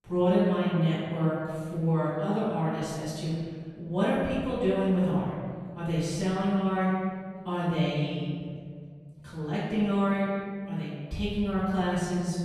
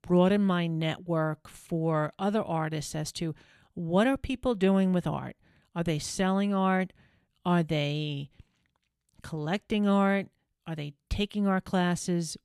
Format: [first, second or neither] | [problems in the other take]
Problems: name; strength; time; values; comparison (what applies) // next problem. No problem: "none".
second | off-mic speech; far // room echo; strong; dies away in 1.8 s